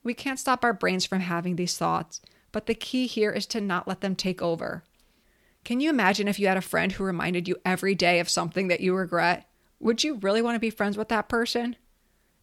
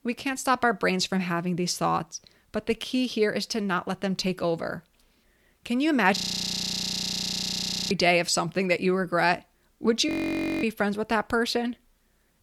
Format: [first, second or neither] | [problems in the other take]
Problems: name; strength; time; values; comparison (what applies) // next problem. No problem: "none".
first | audio freezing; at 6 s for 1.5 s and at 10 s for 0.5 s